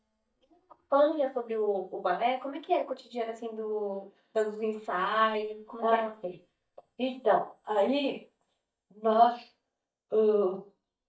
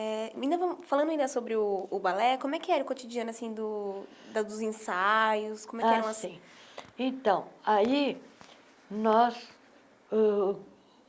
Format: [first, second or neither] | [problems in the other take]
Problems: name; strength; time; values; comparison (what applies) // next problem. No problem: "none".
second | noise reduction (neural mask model DeepFilterNet 3)